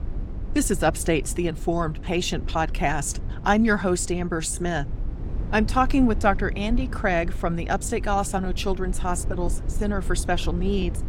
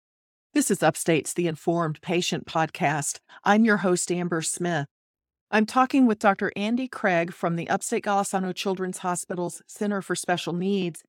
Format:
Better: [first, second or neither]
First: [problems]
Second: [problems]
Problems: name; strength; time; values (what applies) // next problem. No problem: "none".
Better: second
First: low rumble; noticeable; throughout; 20 dB below the speech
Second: none